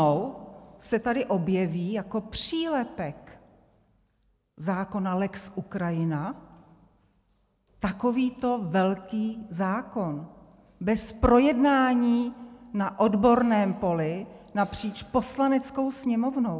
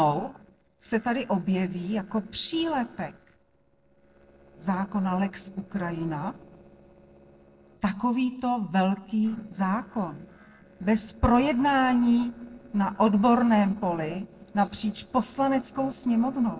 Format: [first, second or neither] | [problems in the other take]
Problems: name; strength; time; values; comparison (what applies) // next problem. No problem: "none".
first | noise reduction (neural separator model SepFormer DNS4)